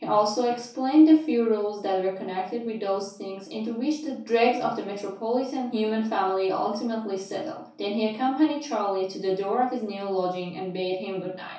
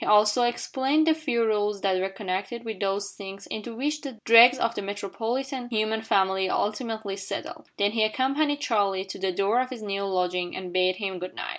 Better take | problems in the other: second | room echo; dies away in 0.6 s

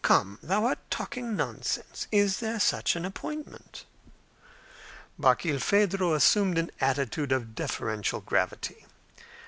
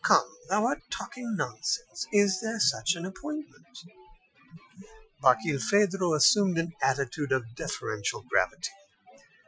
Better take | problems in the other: first | noise reduction (classical method Wiener filter)

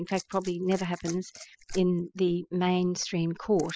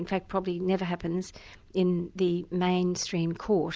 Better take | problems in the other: second | noise reduction (classical method spectral subtraction)

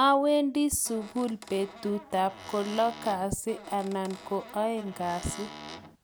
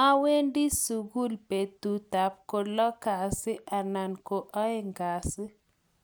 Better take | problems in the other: second | background sound (Squeak / Cupboard open or close); 16 dB below the speech

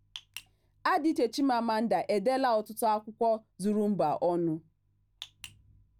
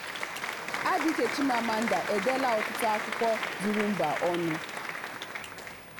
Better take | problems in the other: first | background sound (Applause); 4 dB below the speech

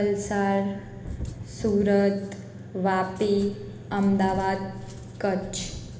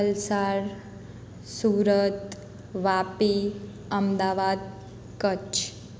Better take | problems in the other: second | background sound (Cat); 16 dB below the speech // room echo; dies away in 1.1 s

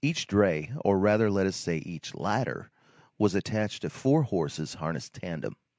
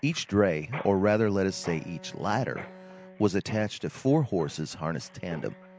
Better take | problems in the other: first | background sound (Mechanisms + Bowed string instrument); 18 dB below the speech

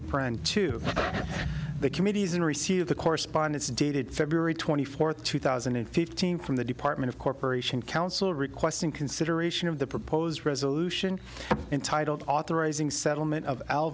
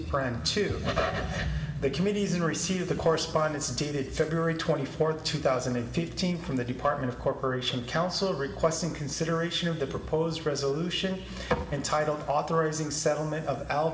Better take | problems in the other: first | room echo; dies away in 2.5 s

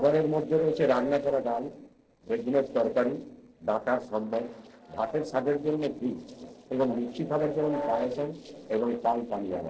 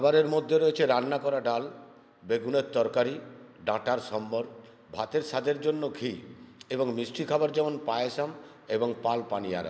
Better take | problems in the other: second | noise reduction (neural separator model SepFormer DNS4)

